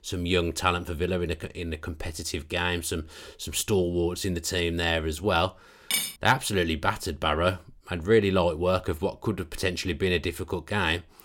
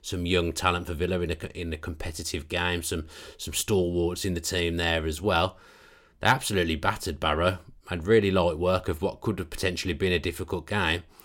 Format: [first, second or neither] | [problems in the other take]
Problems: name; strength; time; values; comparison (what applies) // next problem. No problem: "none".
second | clattering dishes; loud; at 6 s; peak level with the speech